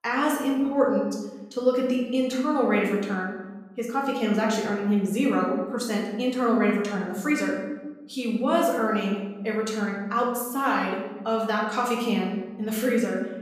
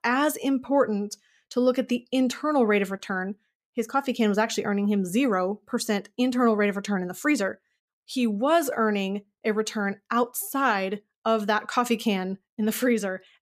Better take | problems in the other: second | room echo; noticeable; dies away in 0.9 s // off-mic speech; far

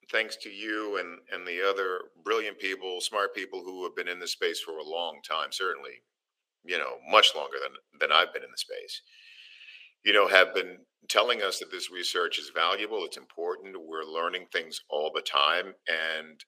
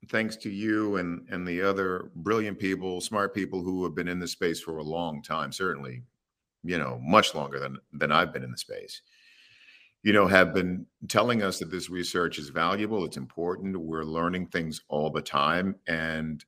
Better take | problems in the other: second | thin; very; fading below 450 Hz

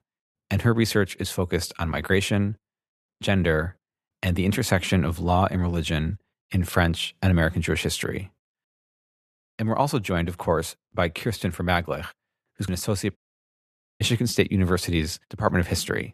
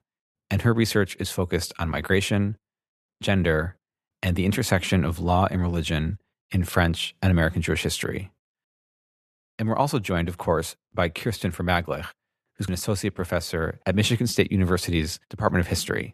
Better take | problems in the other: second | audio cutting out; at 13 s for 1 s

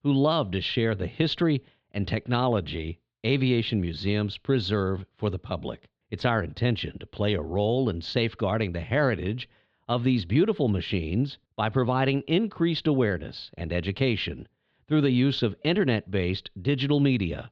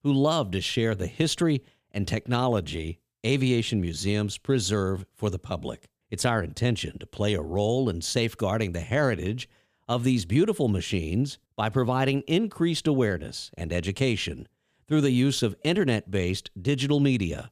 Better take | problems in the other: second | muffled; very slightly; fading above 4 kHz

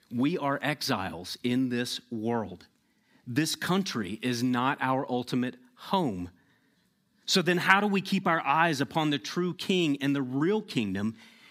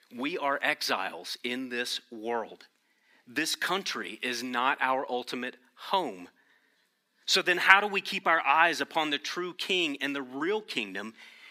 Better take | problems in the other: first | thin; somewhat; fading below 450 Hz

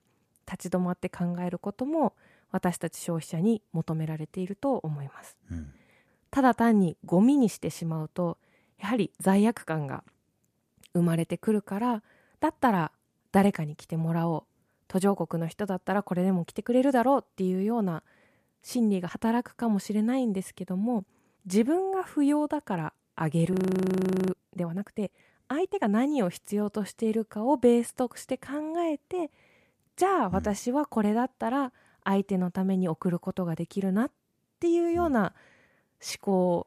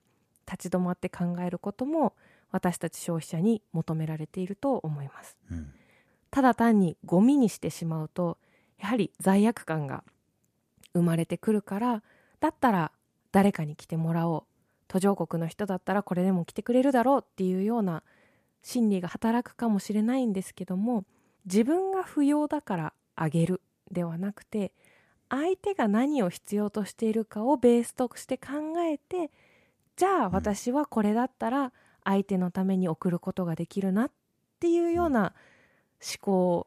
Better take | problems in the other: second | audio freezing; at 24 s for 1 s

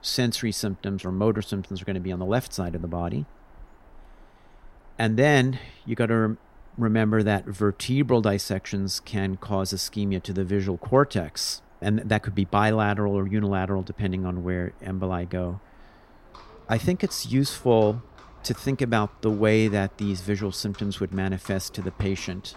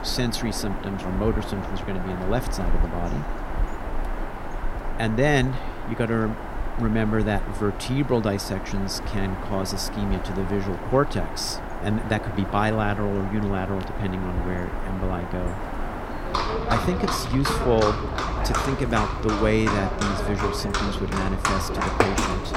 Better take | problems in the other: first | animal sounds; loud; throughout; 3 dB below the speech; faint in the first

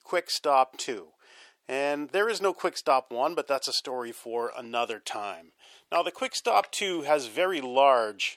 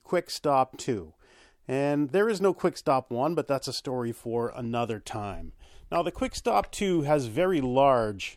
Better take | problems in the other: second | thin; somewhat; fading below 500 Hz

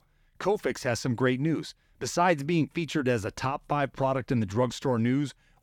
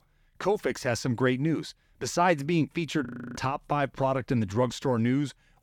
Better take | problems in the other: first | audio freezing; at 3 s

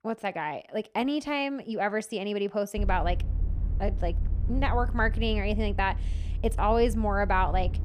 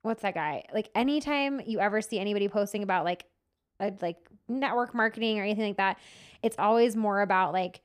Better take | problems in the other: second | low rumble; faint; from 3 s on; 20 dB below the speech

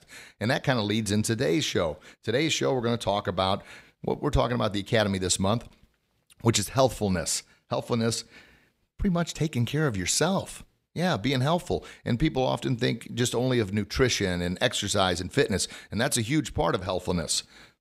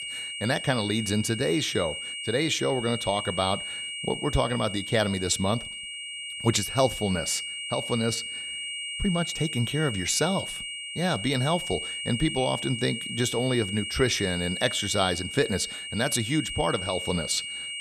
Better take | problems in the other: first | high-pitched whine; loud; throughout; 3 kHz, 5 dB below the speech

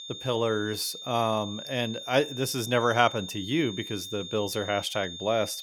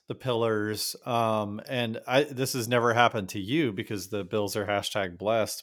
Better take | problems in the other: second | high-pitched whine; loud; throughout; 3.5 kHz, 10 dB below the speech

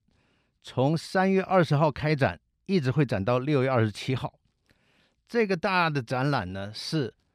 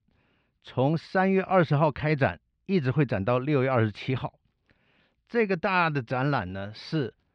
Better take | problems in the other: first | muffled; very slightly; fading above 2.5 kHz

